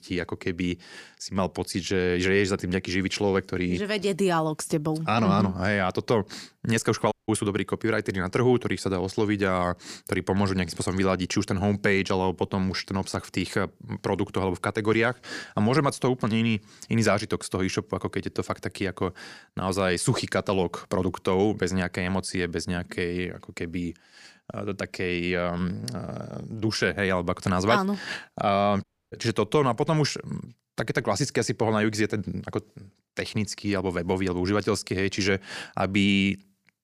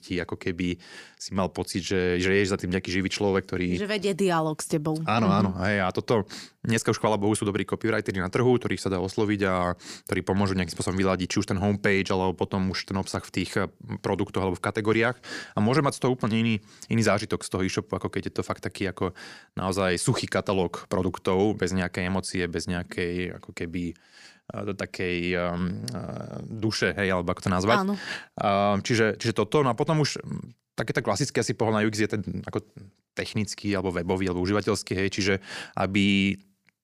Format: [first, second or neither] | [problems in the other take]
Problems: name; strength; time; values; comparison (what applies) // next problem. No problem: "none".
second | audio cutting out; at 7 s and at 29 s